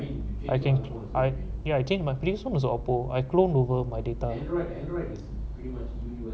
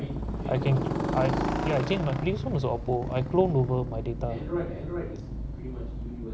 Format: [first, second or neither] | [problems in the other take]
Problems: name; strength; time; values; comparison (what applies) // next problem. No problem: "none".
first | background sound (Motorcycle); 5 dB below the speech